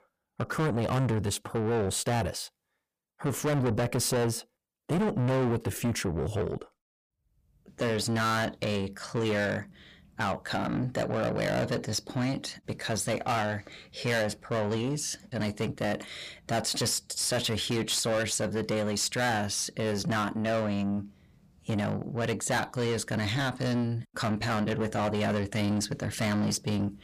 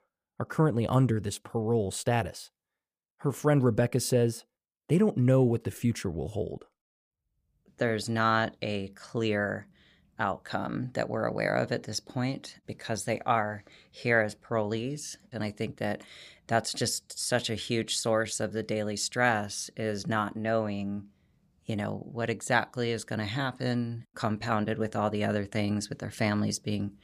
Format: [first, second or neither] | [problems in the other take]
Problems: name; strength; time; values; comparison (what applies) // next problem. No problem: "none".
second | distortion; heavy; 6 dB below the speech